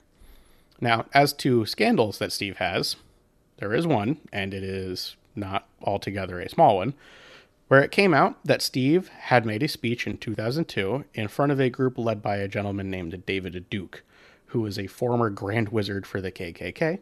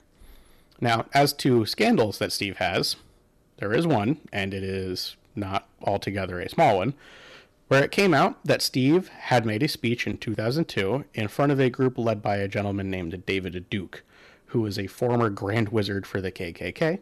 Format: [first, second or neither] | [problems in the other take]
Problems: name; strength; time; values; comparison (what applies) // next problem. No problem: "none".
first | distortion; slight; 2% of the sound clipped